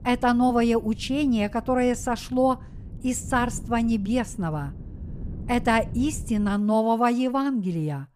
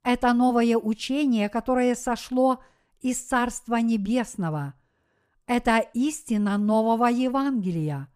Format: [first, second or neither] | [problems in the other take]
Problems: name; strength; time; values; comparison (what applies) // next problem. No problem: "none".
second | wind noise on the microphone; occasional gusts; until 6.5 s; 25 dB below the speech